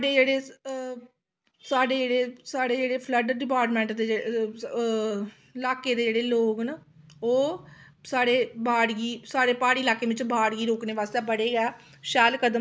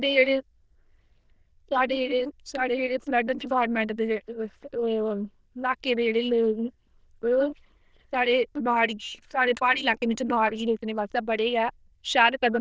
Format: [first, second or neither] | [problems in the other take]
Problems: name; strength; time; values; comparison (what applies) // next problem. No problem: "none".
first | noise reduction (neural diffusion model UNIVERSE++)